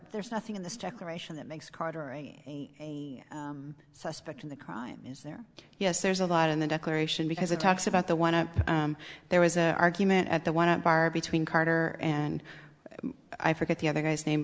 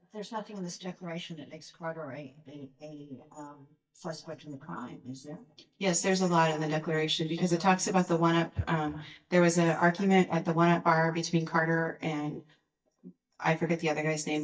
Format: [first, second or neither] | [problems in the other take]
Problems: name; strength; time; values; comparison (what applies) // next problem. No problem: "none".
first | noise reduction (neural mask model DeepFilterNet 3)